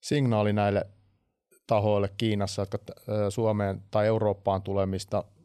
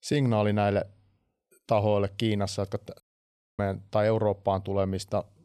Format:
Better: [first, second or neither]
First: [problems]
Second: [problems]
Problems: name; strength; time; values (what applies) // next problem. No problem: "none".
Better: first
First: none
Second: audio cutting out; at 3 s for 0.5 s